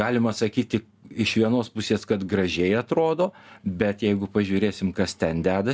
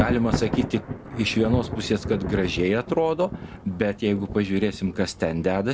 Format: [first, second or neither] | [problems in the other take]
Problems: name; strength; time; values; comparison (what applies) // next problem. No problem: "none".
first | background sound (Thunder); 7 dB below the speech